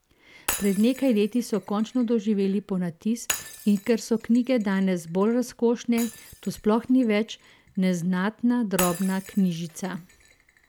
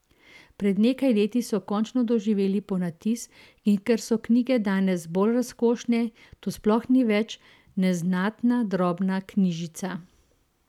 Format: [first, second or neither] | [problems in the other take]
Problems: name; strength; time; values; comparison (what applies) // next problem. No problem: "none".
second | background sound (Shatter); 15 dB below the speech